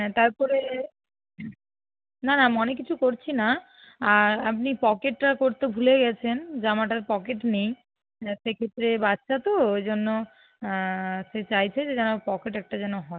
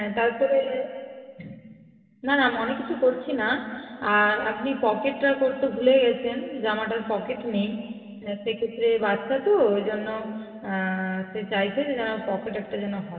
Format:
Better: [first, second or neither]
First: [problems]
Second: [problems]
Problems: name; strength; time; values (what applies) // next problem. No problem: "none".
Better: first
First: none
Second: room echo; dies away in 2.8 s